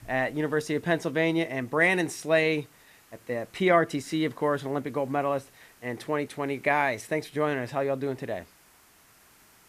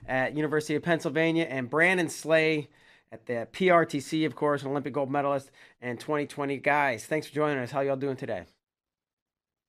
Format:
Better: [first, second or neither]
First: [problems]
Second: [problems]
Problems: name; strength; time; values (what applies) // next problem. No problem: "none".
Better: second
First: hiss; faint; throughout; 30 dB below the speech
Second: none